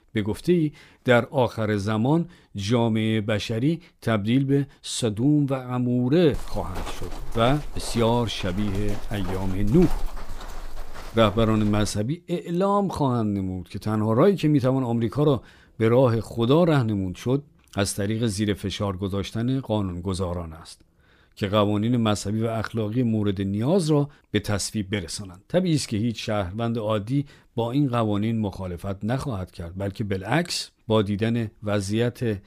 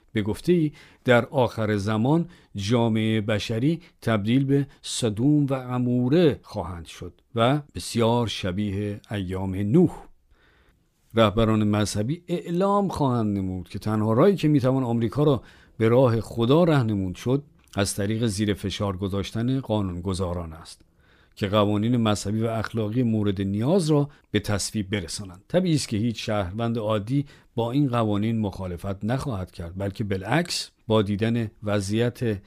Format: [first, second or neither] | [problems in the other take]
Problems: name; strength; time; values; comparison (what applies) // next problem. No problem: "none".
second | footsteps; faint; from 6.5 to 12 s; peak 10 dB below the speech